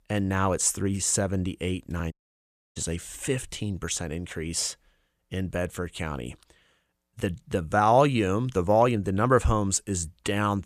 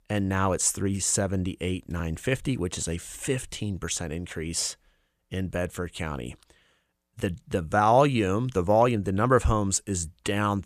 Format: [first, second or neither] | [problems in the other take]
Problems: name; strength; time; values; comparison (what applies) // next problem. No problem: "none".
second | audio cutting out; at 2 s for 0.5 s